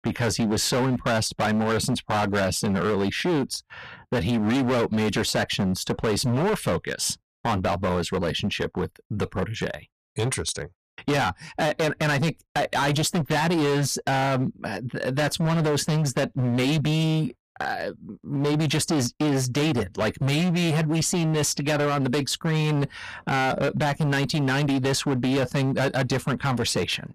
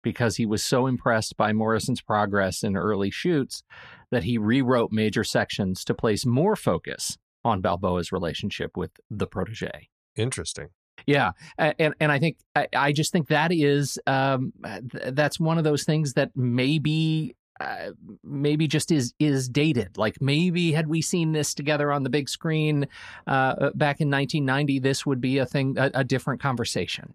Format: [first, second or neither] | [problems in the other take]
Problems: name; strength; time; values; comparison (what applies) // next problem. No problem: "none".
second | distortion; heavy; 23% of the sound clipped